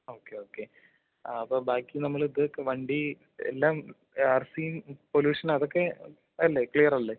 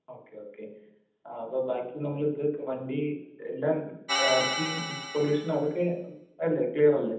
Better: first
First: none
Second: background sound (Organ); 3 dB below the speech // room echo; dies away in 0.8 s

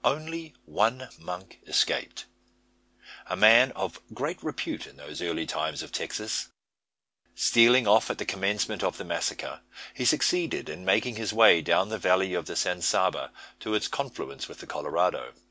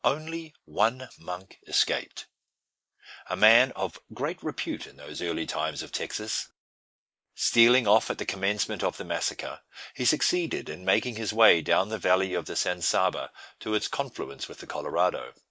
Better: first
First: none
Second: noise reduction (neural mask model Resemble Enhance denoiser)

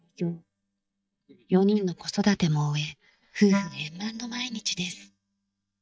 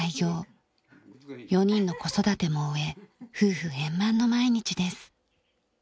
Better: second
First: noise reduction (neural mask model DeepFilterNet 3)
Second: none

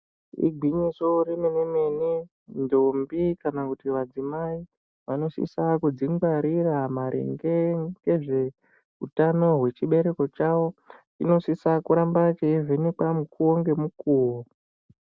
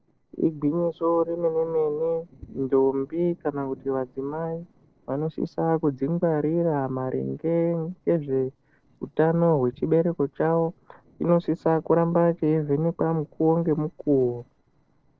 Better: first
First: none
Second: noise reduction (neural separator model SepFormer DNS4)

